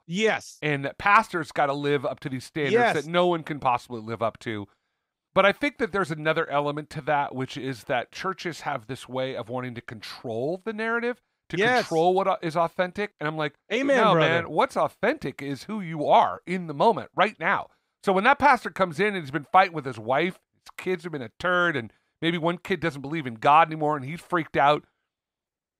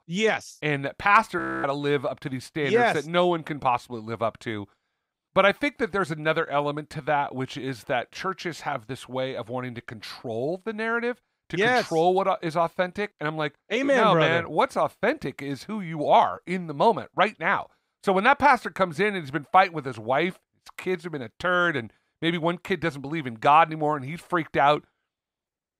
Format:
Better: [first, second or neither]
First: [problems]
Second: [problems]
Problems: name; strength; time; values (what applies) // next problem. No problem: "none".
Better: first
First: none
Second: audio freezing; at 1.5 s